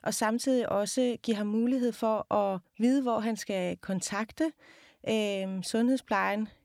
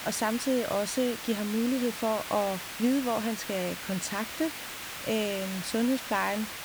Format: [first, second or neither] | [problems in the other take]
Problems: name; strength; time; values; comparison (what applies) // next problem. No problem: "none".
first | hiss; loud; throughout; 7 dB below the speech